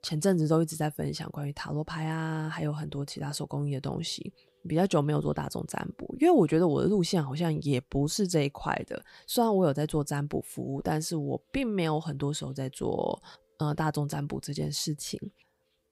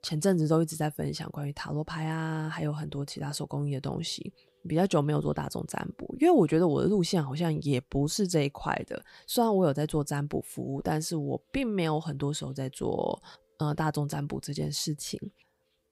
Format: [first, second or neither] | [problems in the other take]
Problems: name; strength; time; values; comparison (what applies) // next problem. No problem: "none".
neither | none